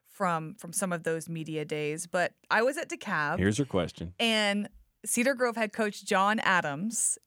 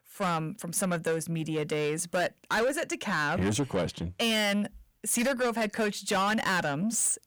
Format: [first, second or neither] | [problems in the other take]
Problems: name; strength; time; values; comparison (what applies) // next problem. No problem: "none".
first | distortion; heavy; 8 dB below the speech